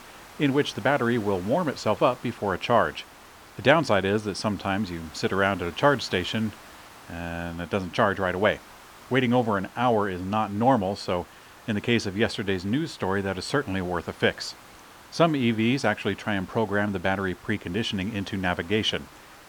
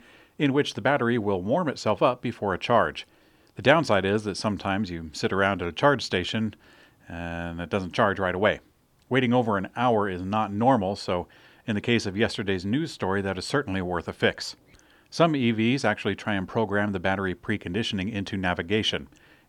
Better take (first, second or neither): second